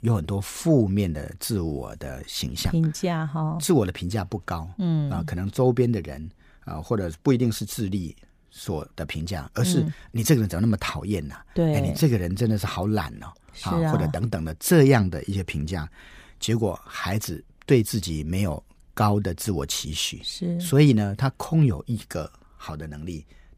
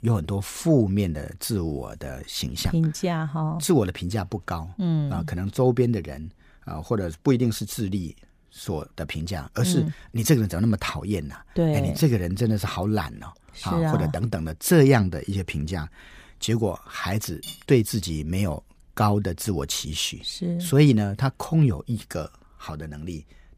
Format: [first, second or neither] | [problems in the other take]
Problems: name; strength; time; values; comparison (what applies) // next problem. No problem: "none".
first | clattering dishes; faint; at 17 s; peak 15 dB below the speech